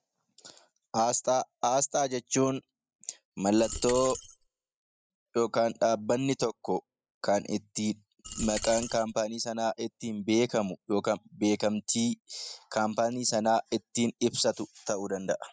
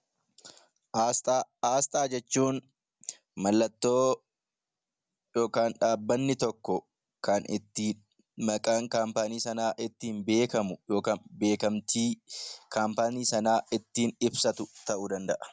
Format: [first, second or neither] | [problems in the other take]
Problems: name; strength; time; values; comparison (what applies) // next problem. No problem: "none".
second | noise reduction (classical method spectral subtraction)